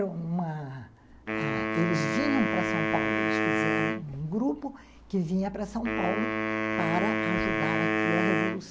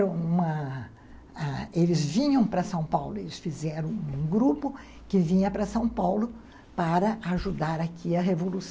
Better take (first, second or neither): second